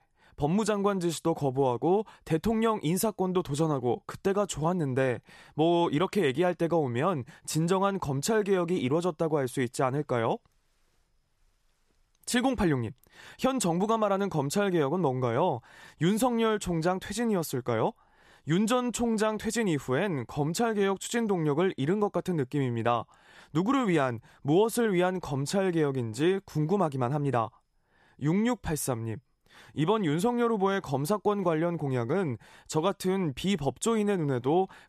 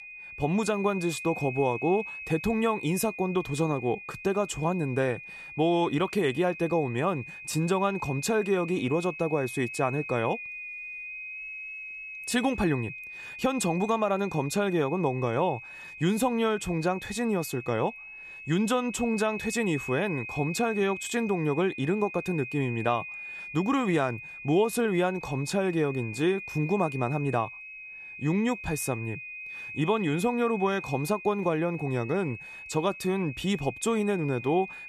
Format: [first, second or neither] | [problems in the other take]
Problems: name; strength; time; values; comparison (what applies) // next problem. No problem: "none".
first | high-pitched whine; noticeable; throughout; 2.5 kHz, 10 dB below the speech